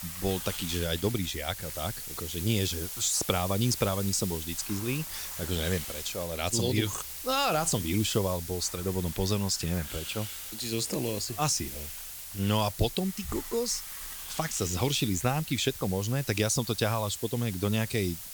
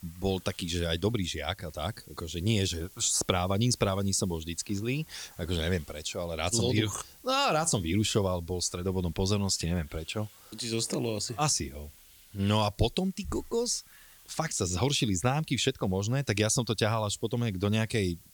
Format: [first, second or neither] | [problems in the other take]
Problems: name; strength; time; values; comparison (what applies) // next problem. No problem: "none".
second | hiss; loud; throughout; 7 dB below the speech; faint in the second